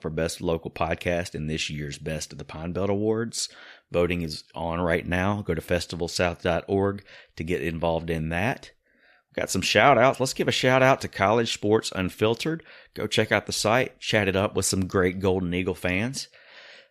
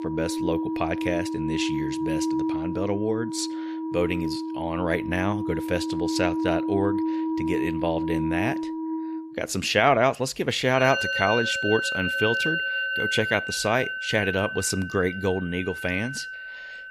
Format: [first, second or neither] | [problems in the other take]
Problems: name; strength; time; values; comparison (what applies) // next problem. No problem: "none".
first | background music; loud; throughout; 2 dB below the speech